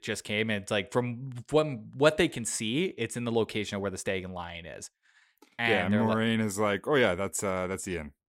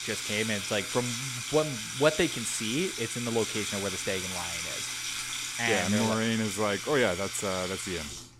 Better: first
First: none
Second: household noises; loud; throughout; 3 dB below the speech

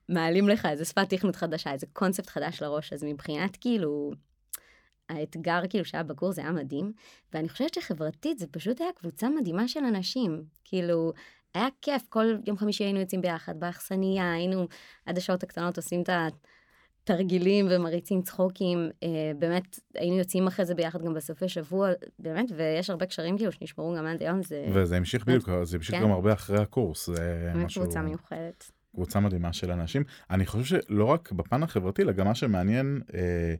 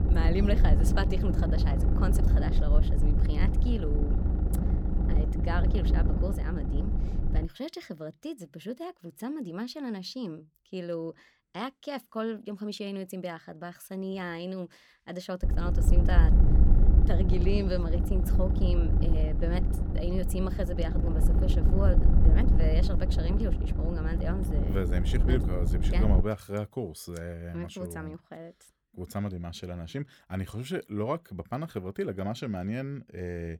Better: first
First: none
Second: low rumble; loud; until 7.5 s and from 15 to 26 s; 3 dB below the speech

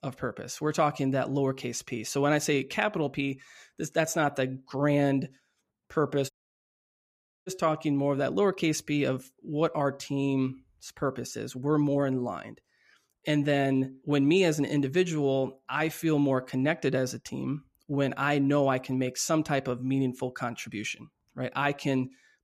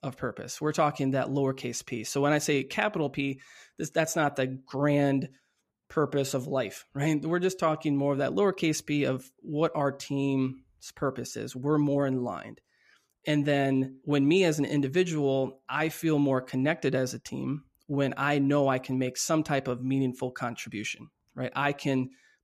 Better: second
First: audio cutting out; at 6.5 s for 1 s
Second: none

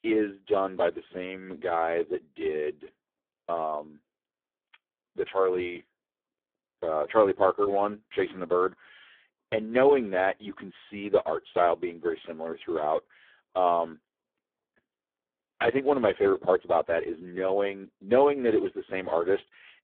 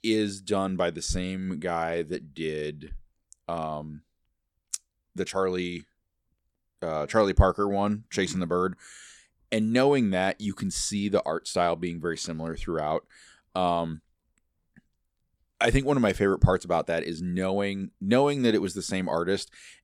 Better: second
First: phone-call audio; poor line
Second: none

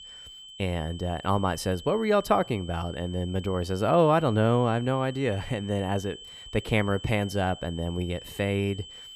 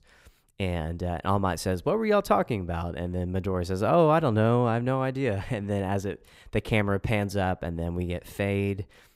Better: second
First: high-pitched whine; noticeable; throughout; 3 kHz, 15 dB below the speech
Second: none

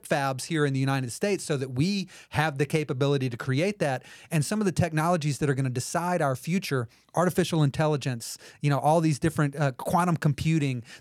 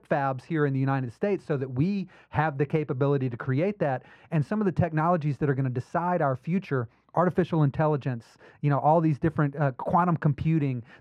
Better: first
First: none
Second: muffled; very; fading above 4 kHz

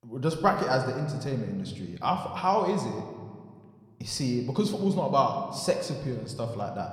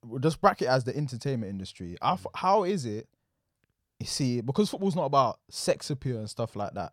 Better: second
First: room echo; slight; dies away in 1.3 s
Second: none

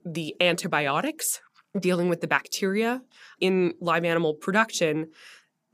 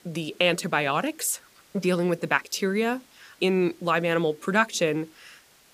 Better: first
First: none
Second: hiss; faint; throughout; 30 dB below the speech

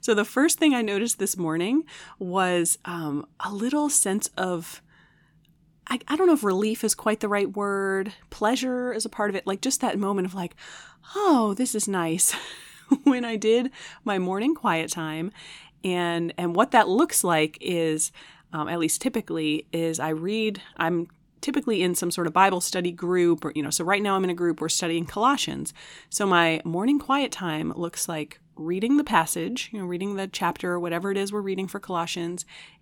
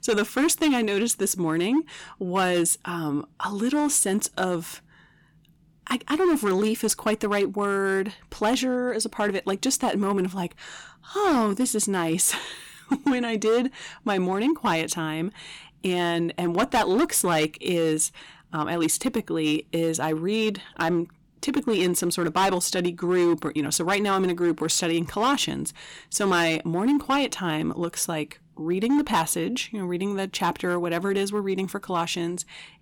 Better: first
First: none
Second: distortion; slight; 7% of the sound clipped

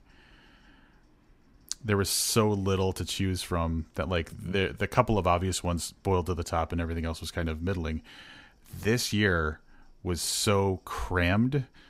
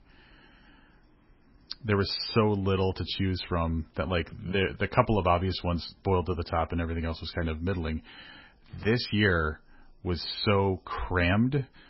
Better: first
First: none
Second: garbled, watery; badly; nothing above 5.5 kHz

